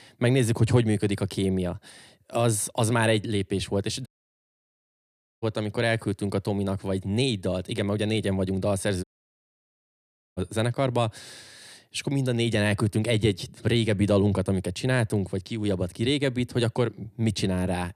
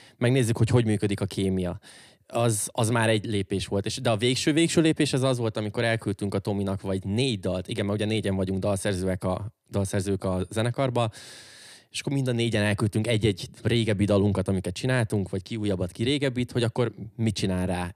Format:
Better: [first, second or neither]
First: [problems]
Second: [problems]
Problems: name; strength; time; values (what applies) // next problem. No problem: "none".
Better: second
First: audio cutting out; at 4 s for 1.5 s and at 9 s for 1.5 s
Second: none